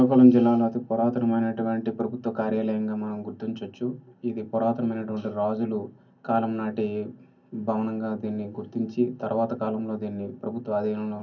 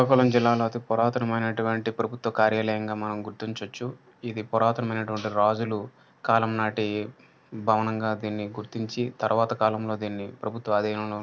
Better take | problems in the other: second | room echo; dies away in 0.3 s

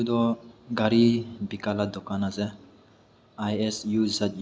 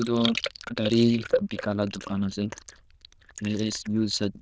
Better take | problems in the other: first | noise reduction (neural diffusion model UNIVERSE++)

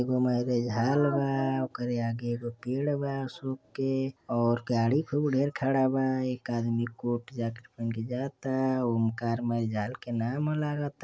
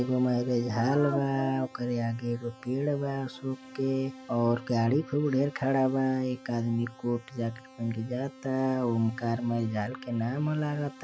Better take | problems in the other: first | background sound (Keyboard (musical)); 20 dB below the speech

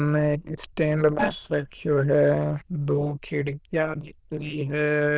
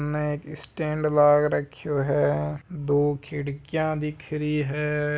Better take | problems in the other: second | noise reduction (neural diffusion model UNIVERSE++)

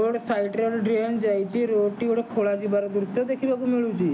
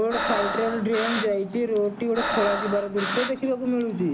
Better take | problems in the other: first | background sound (Breathing); 5 dB below the speech

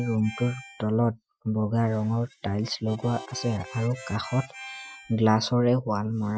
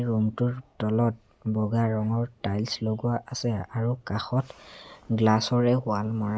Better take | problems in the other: second | noise reduction (classical method Wiener filter)

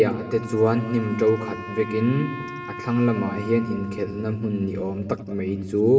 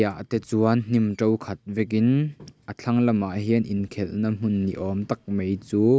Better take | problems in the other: second | background sound (Wind instrument, woodwind instrument); 15 dB below the speech // room echo; dies away in 1.9 s

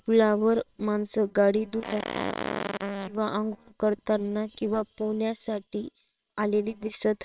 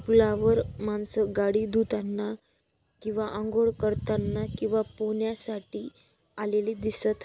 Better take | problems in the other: second | noise reduction (neural separator model SepFormer WHAMR!)

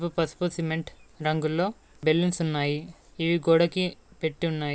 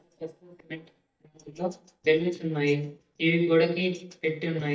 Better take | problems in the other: first | noise reduction (neural mask model DeepFilterNet 3)

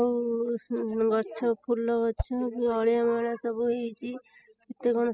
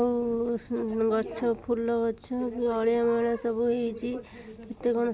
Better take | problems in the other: second | noise reduction (classical method spectral subtraction)

